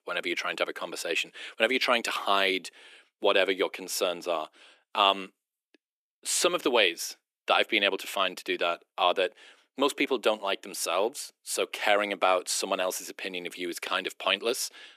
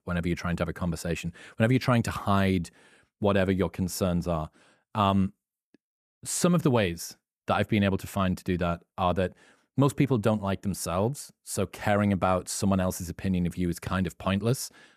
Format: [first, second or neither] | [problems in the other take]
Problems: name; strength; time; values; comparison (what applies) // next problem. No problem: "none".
second | thin; very; fading below 300 Hz